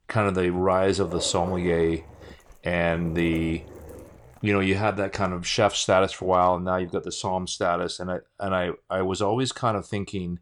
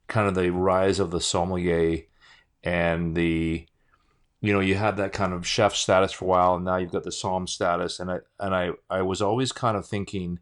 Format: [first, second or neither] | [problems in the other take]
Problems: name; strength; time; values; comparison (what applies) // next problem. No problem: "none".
second | dog barking; faint; from 1 to 4.5 s; peak 10 dB below the speech